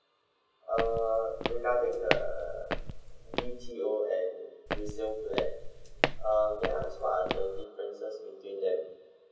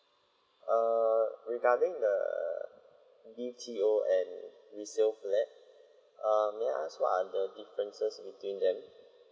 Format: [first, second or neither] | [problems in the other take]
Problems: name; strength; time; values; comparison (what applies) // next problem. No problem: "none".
second | background sound (Walk, footsteps); 1 dB below the speech // room echo; dies away in 0.6 s